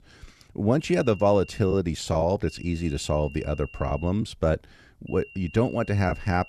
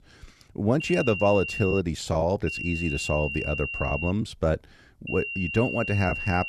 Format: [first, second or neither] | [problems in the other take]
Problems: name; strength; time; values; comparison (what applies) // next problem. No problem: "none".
first | high-pitched whine; loud; from 1 to 2 s, from 2.5 to 4 s and from 5 s on; 3 kHz, 5 dB below the speech; faint in the first